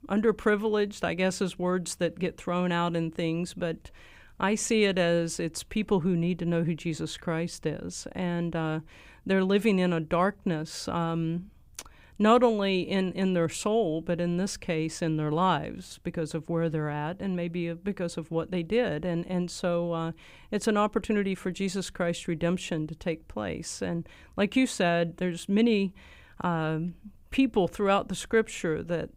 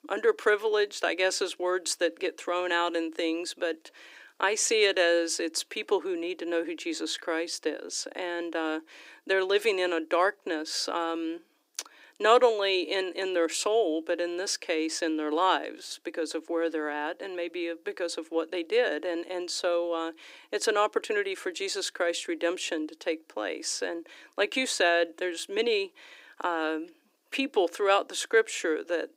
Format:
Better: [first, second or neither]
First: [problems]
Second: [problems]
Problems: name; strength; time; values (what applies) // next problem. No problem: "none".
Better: first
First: none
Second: thin; very; fading below 300 Hz